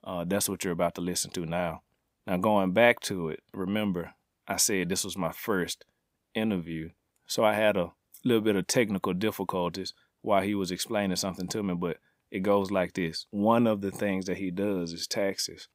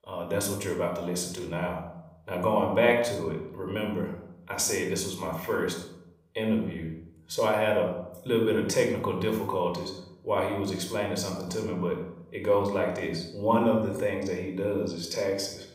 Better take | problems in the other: first | off-mic speech; somewhat distant // room echo; noticeable; dies away in 0.7 s

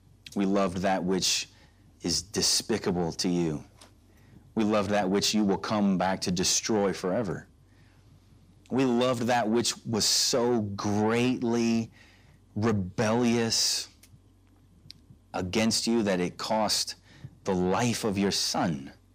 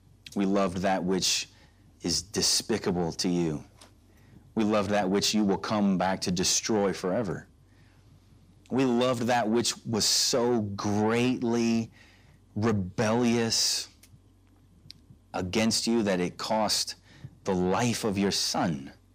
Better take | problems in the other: neither | distortion; slight; 10 dB below the speech; the same in both

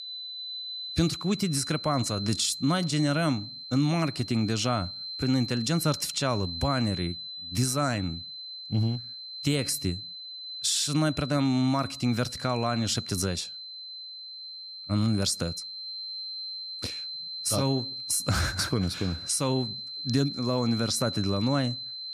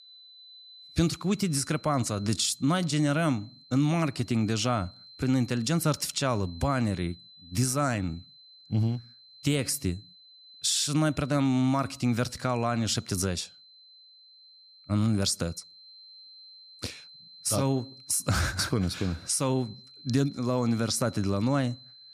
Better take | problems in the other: second | high-pitched whine; loud; throughout; 4 kHz, 8 dB below the speech; faint in the second

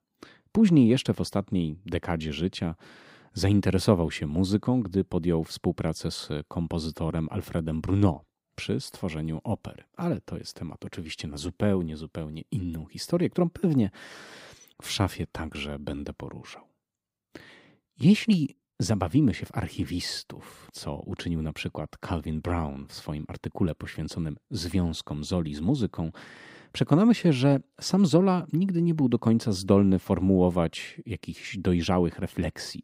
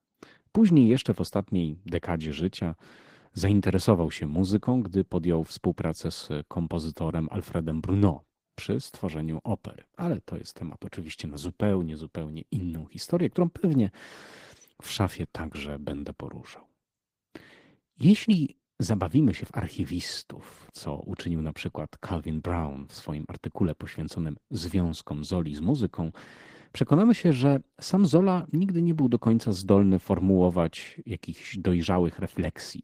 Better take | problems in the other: first | garbled, watery; slightly; nothing above 15.5 kHz

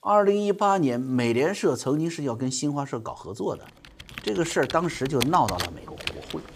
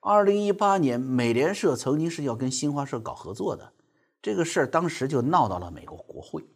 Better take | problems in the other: second | household noises; loud; throughout; 9 dB below the speech

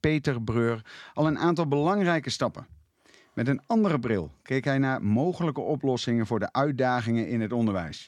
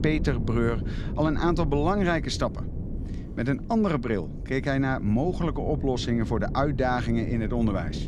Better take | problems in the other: first | wind noise on the microphone; occasional gusts; 15 dB below the speech

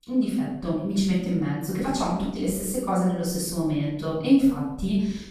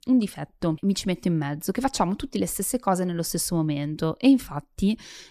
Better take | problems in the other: second | off-mic speech; far // room echo; noticeable; dies away in 0.8 s

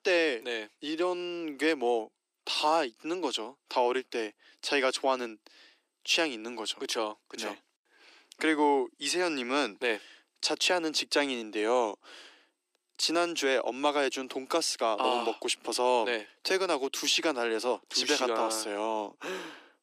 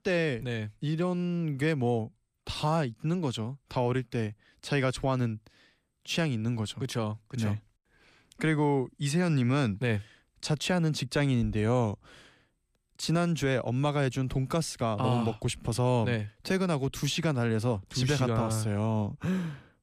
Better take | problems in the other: second | thin; very; fading below 300 Hz

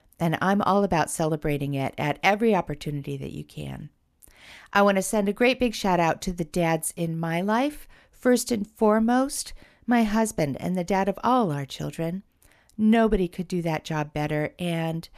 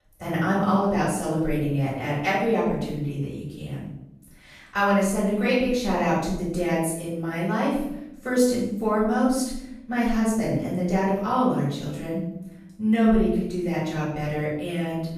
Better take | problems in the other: first | off-mic speech; far // room echo; noticeable; dies away in 0.7 s

